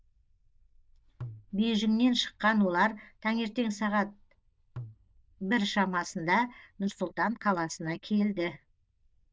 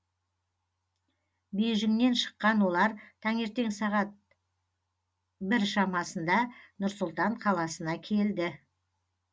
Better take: second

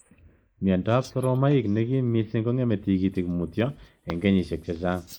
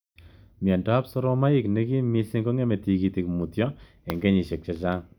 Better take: second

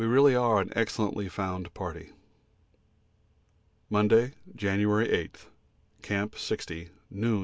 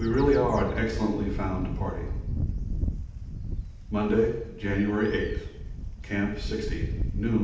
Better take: first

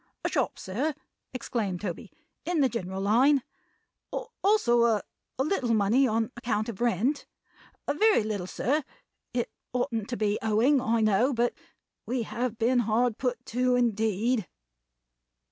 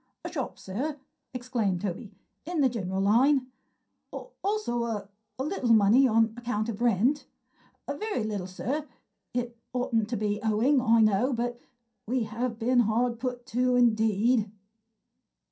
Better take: first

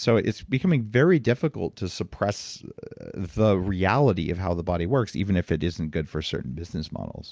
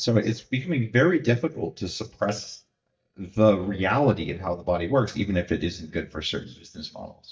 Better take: first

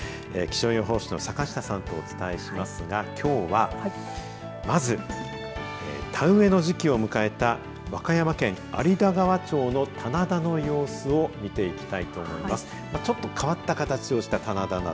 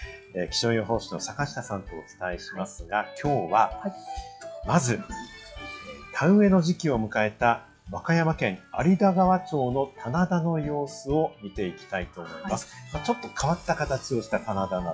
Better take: first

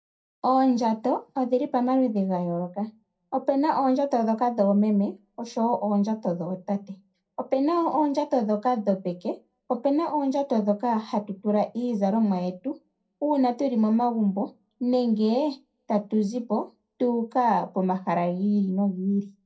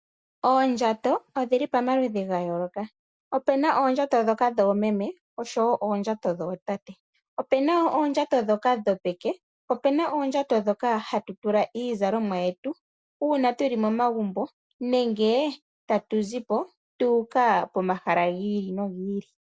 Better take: second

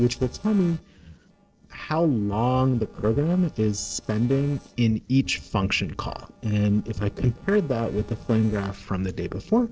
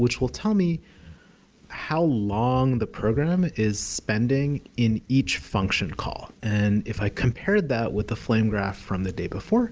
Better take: second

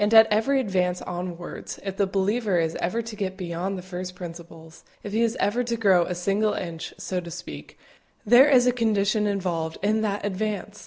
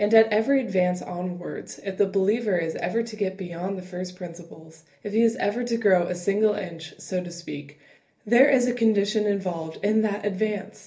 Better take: first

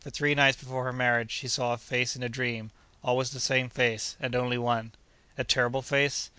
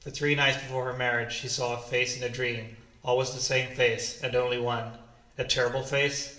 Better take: first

